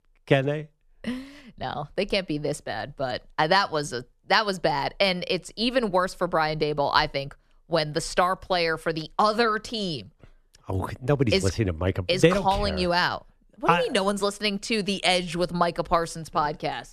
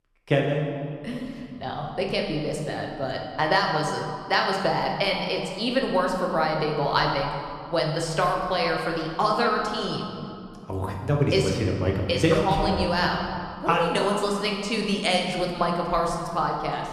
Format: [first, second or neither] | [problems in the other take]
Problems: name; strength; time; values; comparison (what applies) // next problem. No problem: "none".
first | room echo; noticeable; dies away in 1.9 s // off-mic speech; somewhat distant